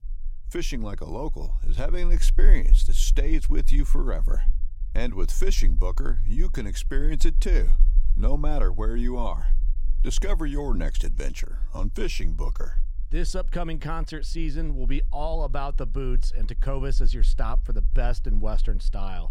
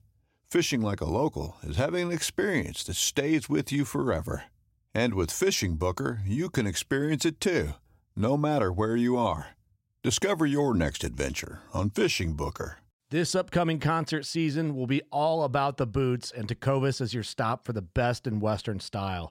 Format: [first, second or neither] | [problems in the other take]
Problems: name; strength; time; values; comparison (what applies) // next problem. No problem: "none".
second | low rumble; faint; throughout; 20 dB below the speech